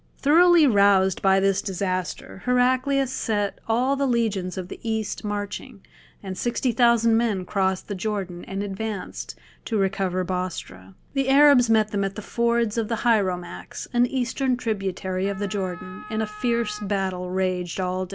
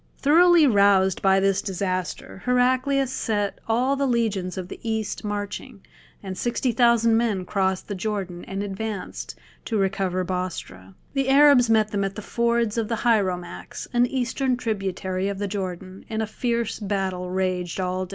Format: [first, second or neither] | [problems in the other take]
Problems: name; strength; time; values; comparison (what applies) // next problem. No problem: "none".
second | background sound (Wind instrument, woodwind instrument); 17 dB below the speech